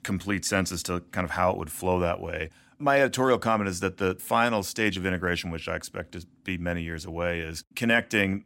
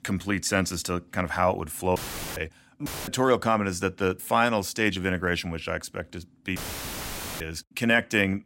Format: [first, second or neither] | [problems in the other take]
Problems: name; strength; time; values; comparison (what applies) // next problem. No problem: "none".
first | audio cutting out; filled with static; at 2 s, at 3 s and at 6.5 s for 1 s